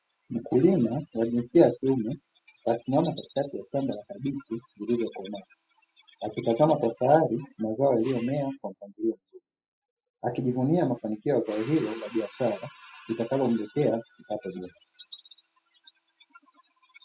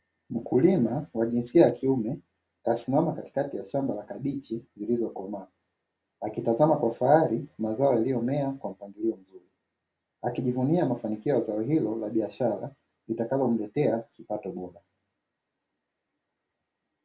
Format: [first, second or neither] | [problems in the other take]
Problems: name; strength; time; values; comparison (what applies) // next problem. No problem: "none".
second | noise reduction (classical method spectral subtraction)